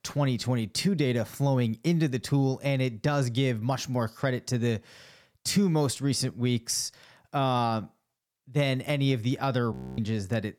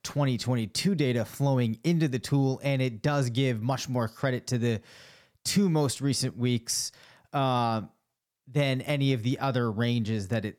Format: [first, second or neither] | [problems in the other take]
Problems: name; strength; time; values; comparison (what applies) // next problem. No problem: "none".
second | audio freezing; at 9.5 s